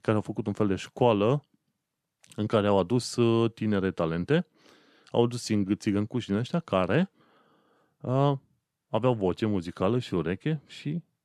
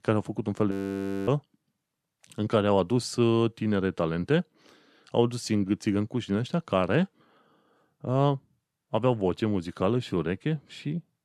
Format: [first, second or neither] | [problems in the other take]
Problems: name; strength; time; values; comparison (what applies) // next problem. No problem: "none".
first | audio freezing; at 0.5 s for 0.5 s